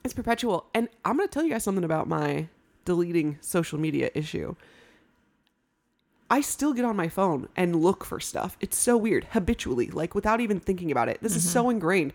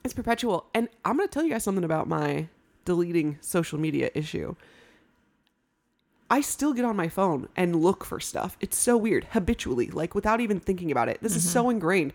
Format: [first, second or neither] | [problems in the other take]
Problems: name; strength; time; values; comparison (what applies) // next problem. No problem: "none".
neither | none